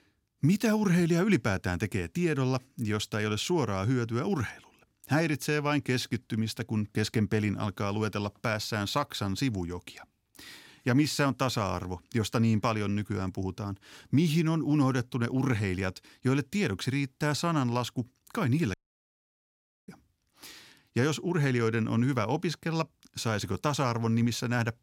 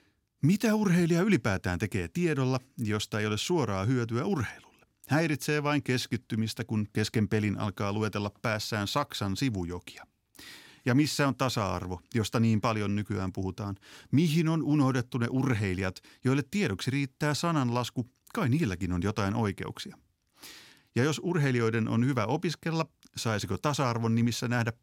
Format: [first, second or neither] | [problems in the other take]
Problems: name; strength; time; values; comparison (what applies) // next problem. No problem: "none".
second | audio cutting out; at 19 s for 1 s